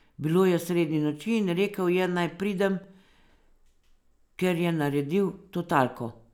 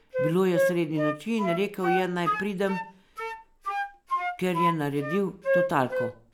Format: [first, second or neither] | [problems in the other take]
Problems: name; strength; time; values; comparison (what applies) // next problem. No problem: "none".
first | background sound (Wind instrument, woodwind instrument); 1 dB below the speech